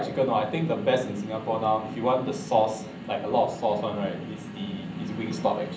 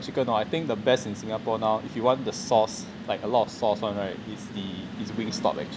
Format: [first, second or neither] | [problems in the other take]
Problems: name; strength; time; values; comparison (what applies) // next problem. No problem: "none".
second | room echo; dies away in 0.6 s